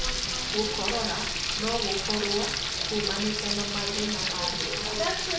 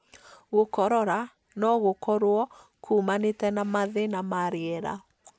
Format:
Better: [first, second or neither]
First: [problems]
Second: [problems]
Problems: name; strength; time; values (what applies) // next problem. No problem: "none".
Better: second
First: background sound (Frying (food)); 4 dB above the speech // room echo; dies away in 0.5 s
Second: none